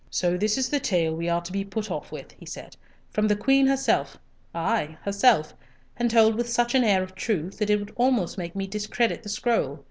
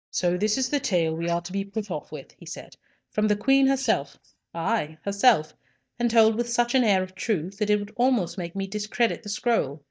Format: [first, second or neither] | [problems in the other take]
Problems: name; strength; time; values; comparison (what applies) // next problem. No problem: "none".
first | noise reduction (neural mask model DeepFilterNet 3)